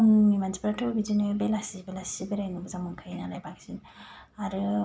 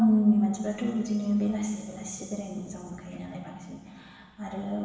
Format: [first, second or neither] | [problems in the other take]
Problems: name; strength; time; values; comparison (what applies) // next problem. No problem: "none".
first | room echo; dies away in 1.6 s